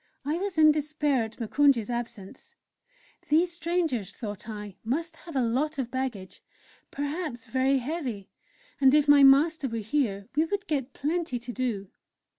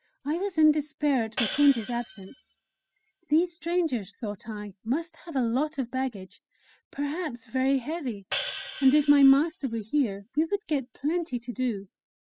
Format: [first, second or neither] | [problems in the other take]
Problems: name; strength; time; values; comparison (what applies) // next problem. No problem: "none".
first | noise reduction (classical method spectral subtraction)